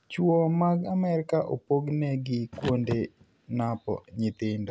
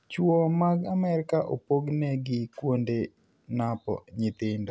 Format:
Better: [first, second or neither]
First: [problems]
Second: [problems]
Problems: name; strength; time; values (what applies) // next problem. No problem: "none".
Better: second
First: background sound (Car); 14 dB below the speech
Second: none